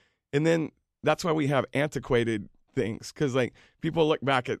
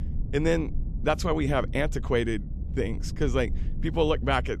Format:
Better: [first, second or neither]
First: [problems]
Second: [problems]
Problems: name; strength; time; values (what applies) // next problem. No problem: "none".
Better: first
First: none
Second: low rumble; noticeable; throughout; 20 dB below the speech